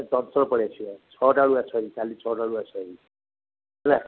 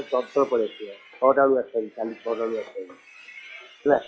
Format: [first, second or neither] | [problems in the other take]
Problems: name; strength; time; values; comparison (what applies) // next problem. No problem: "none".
first | noise reduction (classical method log-MMSE)